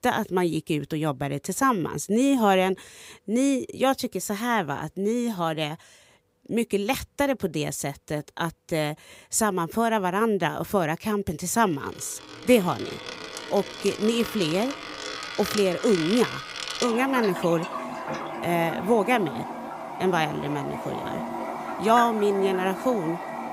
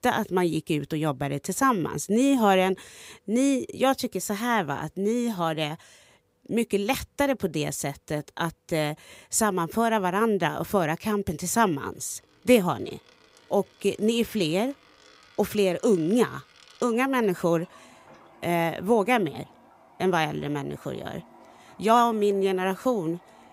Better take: second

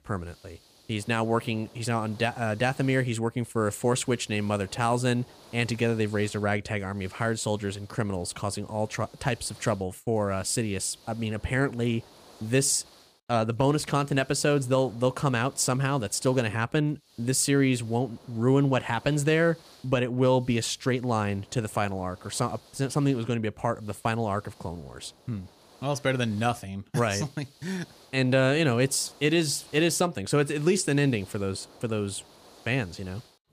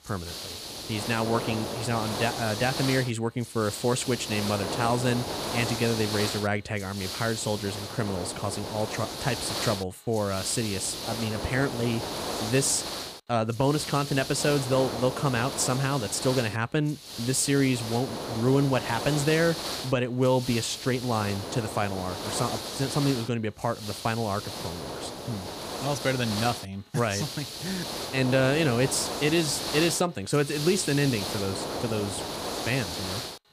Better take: first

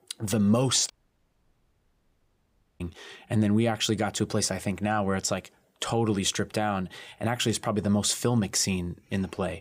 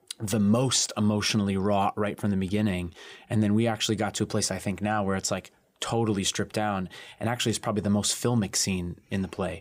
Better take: second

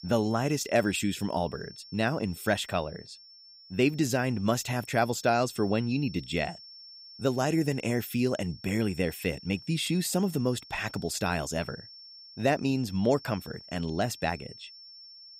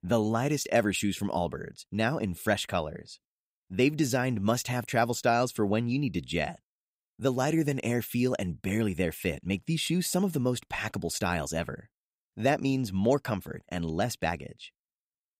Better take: second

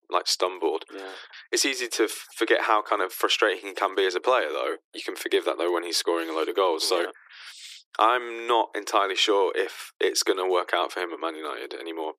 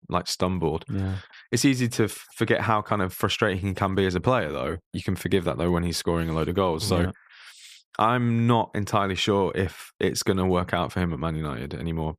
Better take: second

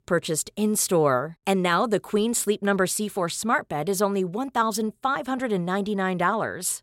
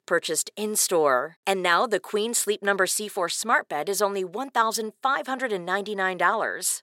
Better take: first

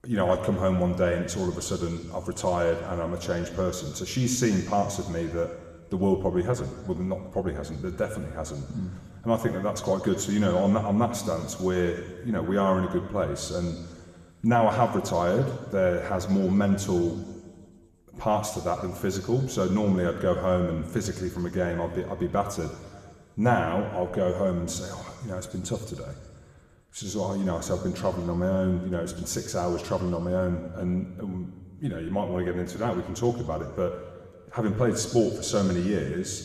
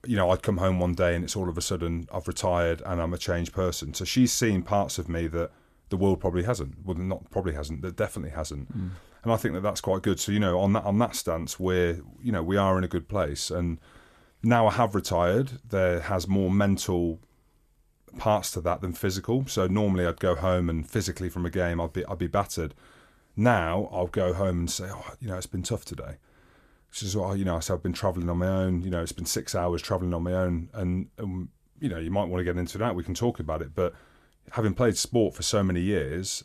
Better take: second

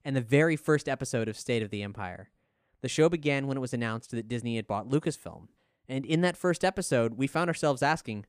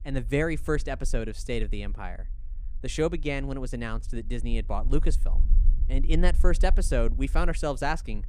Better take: first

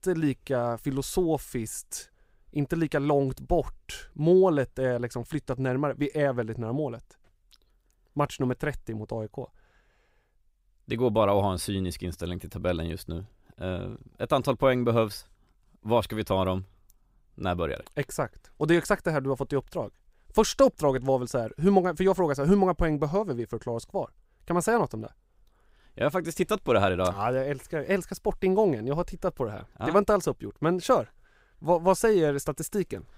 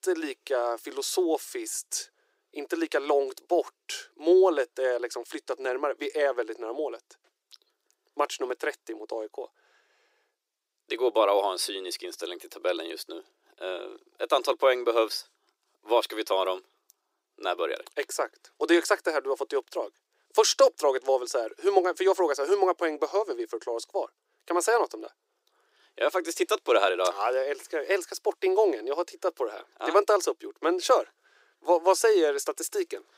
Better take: first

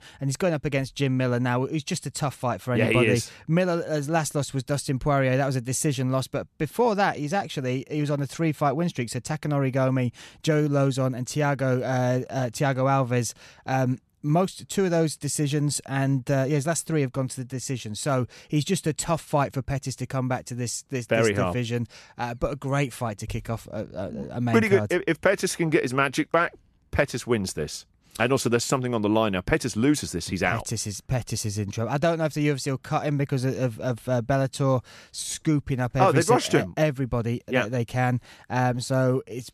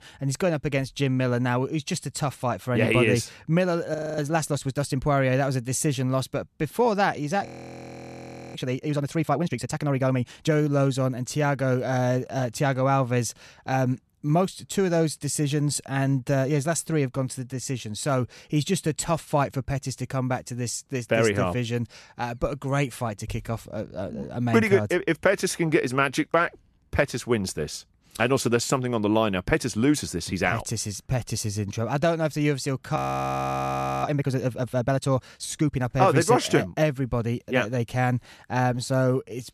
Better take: first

